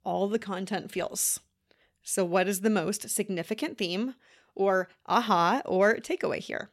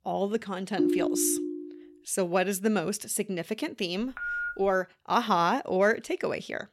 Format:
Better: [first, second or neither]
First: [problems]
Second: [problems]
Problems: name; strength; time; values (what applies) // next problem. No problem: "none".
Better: first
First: none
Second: phone ringing; loud; at 1 s; peak 2 dB above the speech // phone ringing; noticeable; at 4 s; peak 3 dB below the speech